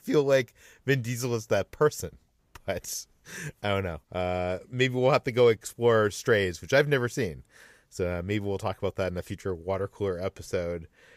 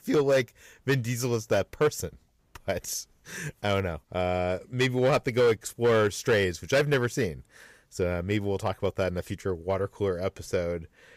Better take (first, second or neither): first